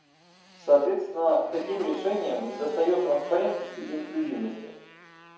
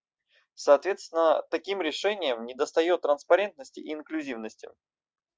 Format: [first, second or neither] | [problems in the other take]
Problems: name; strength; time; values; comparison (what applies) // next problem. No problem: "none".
second | background sound (Motorcycle); 18 dB below the speech // room echo; dies away in 1 s